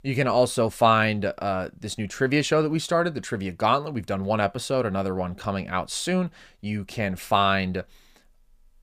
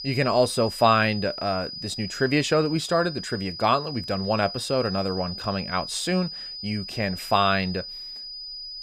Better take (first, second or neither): first